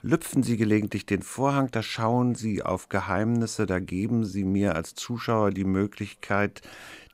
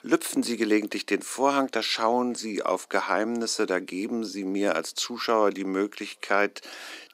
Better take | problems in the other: first | thin; somewhat; fading below 300 Hz

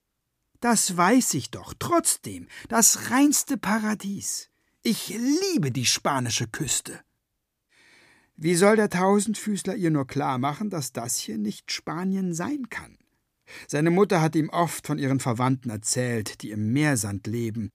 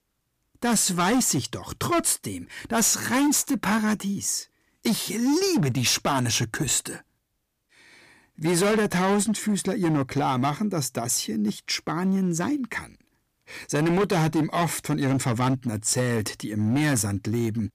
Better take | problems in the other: first | distortion; heavy; 11% of the sound clipped

